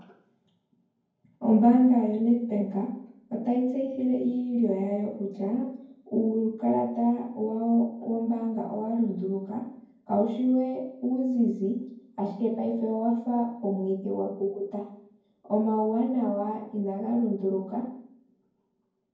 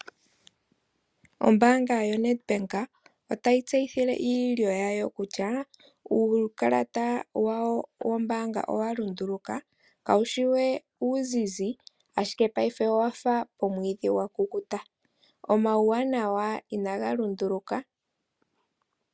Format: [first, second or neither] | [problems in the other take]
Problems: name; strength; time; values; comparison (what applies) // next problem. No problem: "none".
second | room echo; dies away in 0.9 s